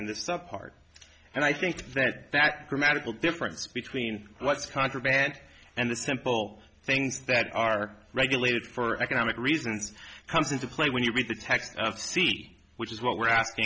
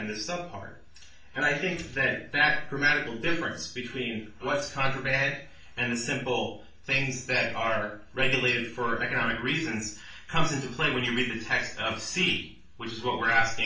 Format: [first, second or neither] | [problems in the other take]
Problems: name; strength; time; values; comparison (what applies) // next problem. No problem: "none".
first | room echo; dies away in 0.4 s